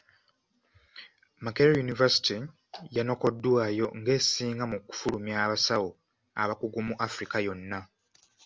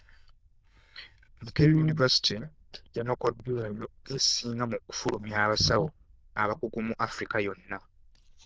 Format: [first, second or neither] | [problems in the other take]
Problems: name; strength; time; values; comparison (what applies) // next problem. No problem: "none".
first | noise reduction (neural diffusion model UNIVERSE++)